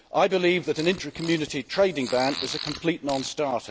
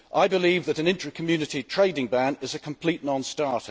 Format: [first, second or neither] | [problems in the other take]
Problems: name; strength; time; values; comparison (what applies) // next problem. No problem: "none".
second | background sound (Fart); 13 dB below the speech